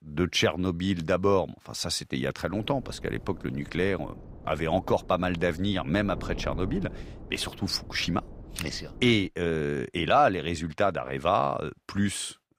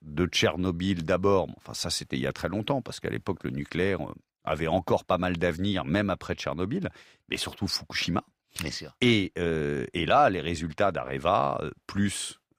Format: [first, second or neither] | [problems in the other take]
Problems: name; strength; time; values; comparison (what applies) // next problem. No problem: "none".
second | wind noise on the microphone; occasional gusts; from 2.5 to 9.5 s; 20 dB below the speech